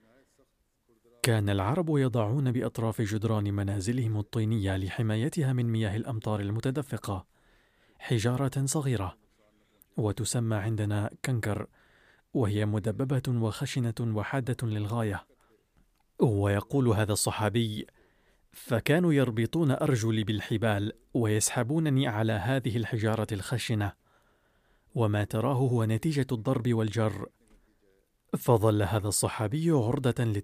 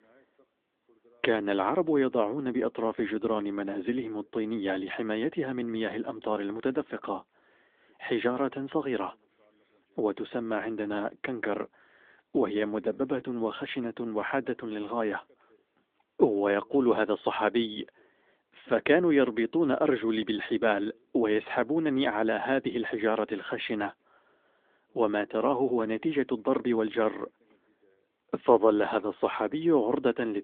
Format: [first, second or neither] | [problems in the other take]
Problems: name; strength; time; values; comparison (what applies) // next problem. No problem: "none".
first | phone-call audio; nothing above 3.5 kHz